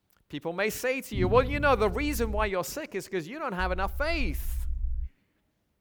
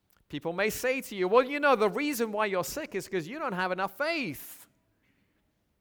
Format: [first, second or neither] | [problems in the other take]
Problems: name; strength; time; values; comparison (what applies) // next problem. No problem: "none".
second | low rumble; faint; from 1 to 2.5 s and from 3.5 to 5 s; 20 dB below the speech